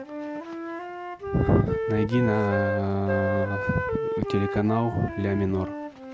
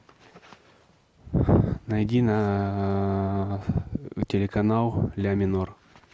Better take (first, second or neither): second